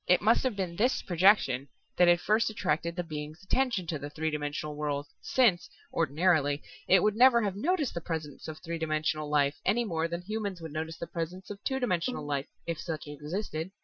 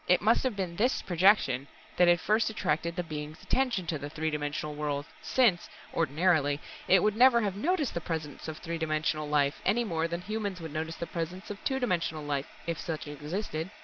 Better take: second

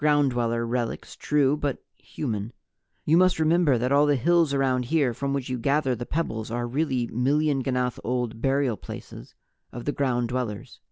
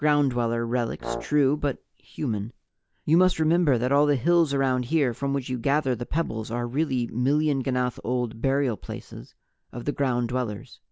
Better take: first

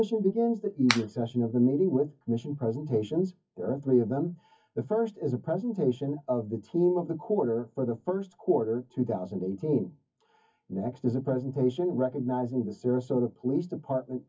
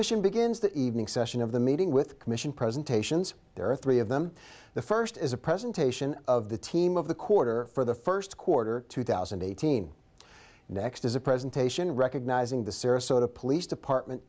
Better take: second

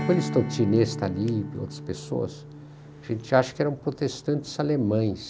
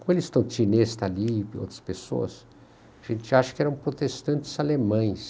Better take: second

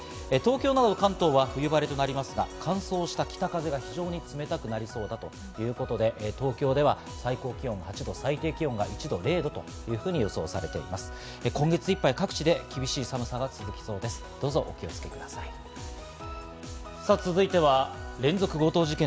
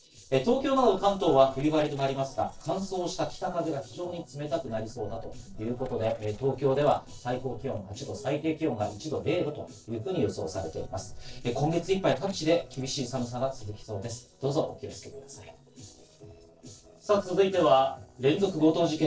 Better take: first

